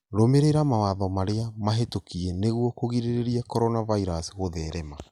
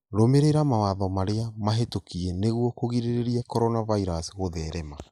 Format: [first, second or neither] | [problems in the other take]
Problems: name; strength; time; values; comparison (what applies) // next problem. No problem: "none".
first | noise reduction (neural mask model Resemble Enhance denoiser)